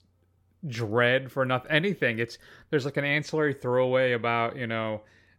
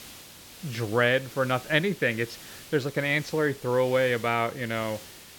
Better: first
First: none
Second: hiss; noticeable; throughout; 15 dB below the speech

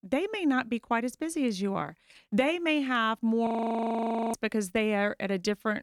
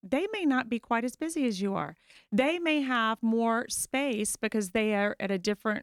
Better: second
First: audio freezing; at 3.5 s for 1 s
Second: none

